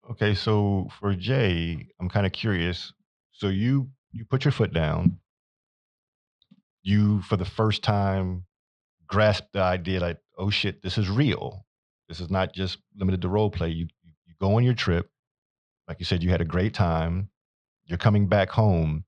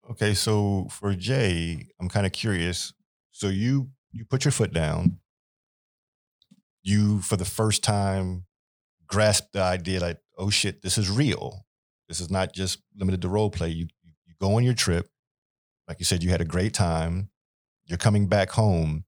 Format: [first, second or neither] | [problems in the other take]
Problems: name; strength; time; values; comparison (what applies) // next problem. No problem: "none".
second | muffled; slightly; fading above 3.5 kHz